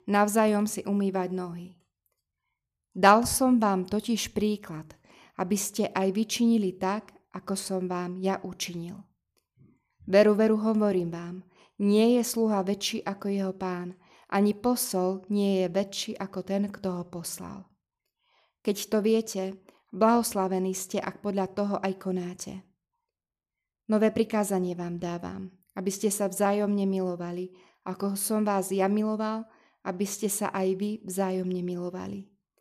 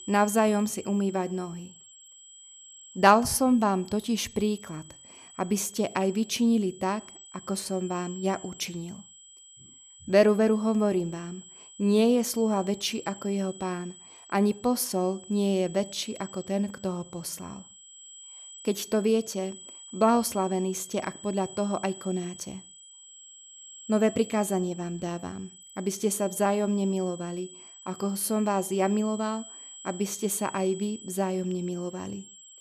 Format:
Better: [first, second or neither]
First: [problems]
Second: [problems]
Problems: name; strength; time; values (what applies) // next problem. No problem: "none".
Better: first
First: none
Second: high-pitched whine; noticeable; throughout; 8 kHz, 20 dB below the speech